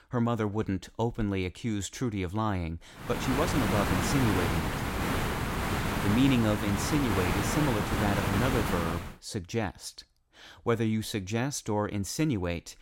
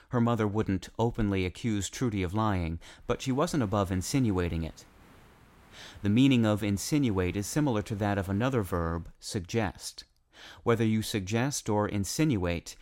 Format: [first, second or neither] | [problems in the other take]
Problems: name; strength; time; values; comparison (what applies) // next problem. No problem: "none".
second | hiss; loud; from 3 to 9 s; as loud as the speech; faint in the second